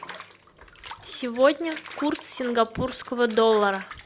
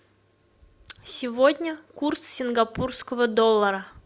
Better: second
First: background sound (Bathtub (filling or washing) / Water); 18 dB below the speech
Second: none

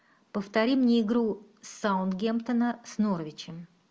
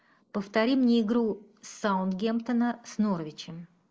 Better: first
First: none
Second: noise reduction (neural mask model Resemble Enhance denoiser)

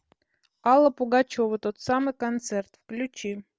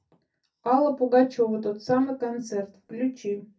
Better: first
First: none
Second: room echo; dies away in 0.3 s

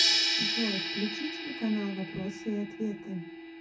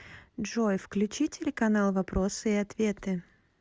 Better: second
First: background sound (Crash cymbal); 3 dB above the speech // room echo; dies away in 0.3 s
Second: none

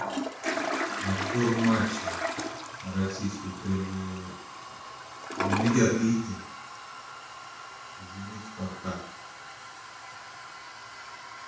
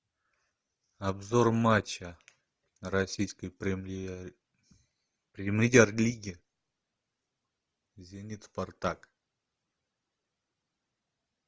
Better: second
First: background sound (Toilet flush); 4 dB below the speech // room echo; dies away in 0.6 s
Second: none

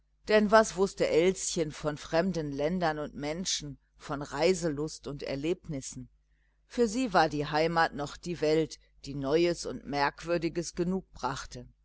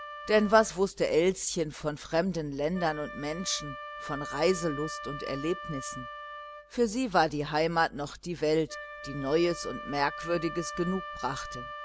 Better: first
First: none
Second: background sound (Wind instrument, woodwind instrument); 13 dB below the speech

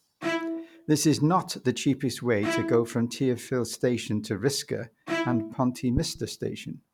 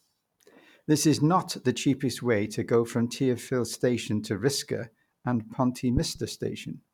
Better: second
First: background sound (Bowed string instrument); 8 dB below the speech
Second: none

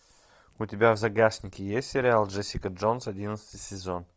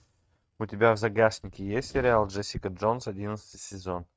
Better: first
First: none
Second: noise reduction (neural mask model RNNoise)

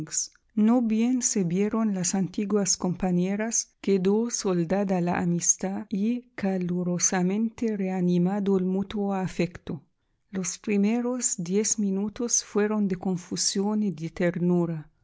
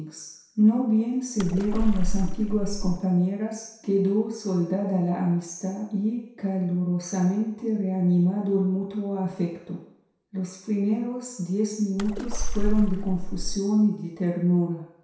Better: first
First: none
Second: background sound (Splash, splatter); 1 dB above the speech // room echo; dies away in 0.7 s

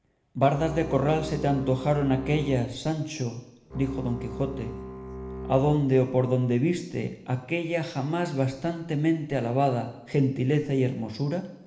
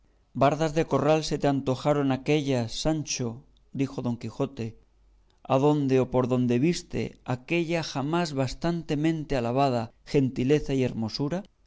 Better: second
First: background sound (Bowed string instrument); 12 dB below the speech // room echo; dies away in 1.1 s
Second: none

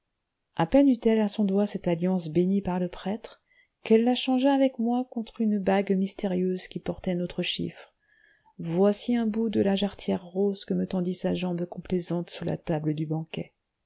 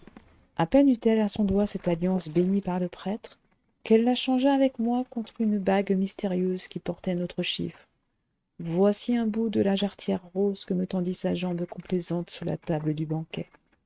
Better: first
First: none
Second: noise reduction (neural mask model RNNoise)

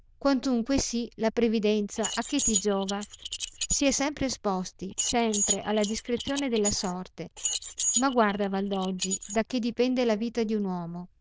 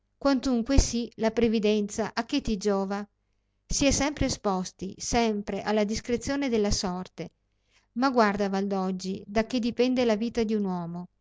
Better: second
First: noise reduction (neural diffusion model UNIVERSE++)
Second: none

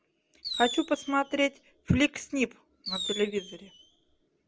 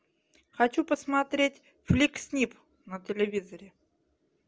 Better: second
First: background sound (Fireworks); 9 dB below the speech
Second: none

